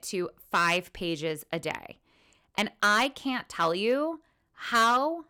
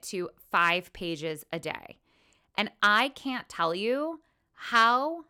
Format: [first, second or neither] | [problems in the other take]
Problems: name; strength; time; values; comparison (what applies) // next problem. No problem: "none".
second | distortion; slight; 3% of the sound clipped